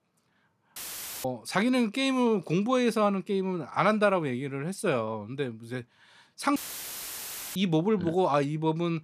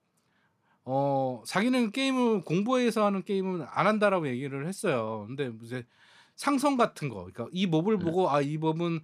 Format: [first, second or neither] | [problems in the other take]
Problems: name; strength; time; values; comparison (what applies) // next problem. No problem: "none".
second | audio cutting out; filled with static; at 1 s and at 6.5 s for 1 s